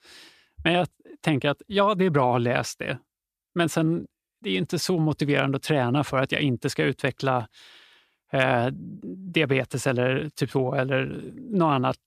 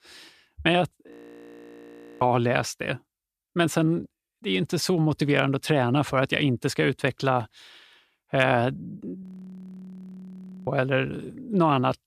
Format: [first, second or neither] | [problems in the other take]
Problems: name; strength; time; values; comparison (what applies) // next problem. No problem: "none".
first | audio freezing; at 1 s for 1 s and at 9 s for 1.5 s